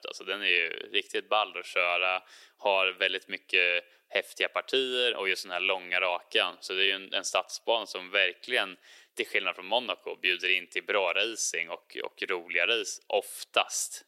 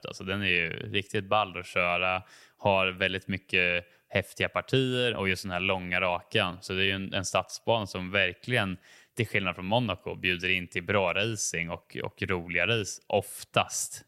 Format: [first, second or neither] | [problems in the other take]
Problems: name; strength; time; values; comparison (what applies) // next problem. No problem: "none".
second | thin; very; fading below 350 Hz